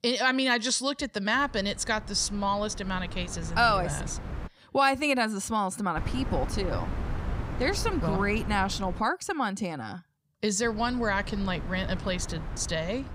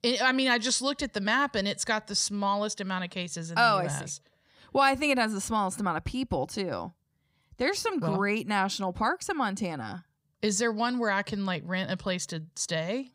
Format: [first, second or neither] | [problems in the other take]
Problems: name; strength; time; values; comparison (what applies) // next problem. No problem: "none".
second | wind noise on the microphone; occasional gusts; from 1.5 to 4.5 s, from 6 to 9 s and from 11 s on; 15 dB below the speech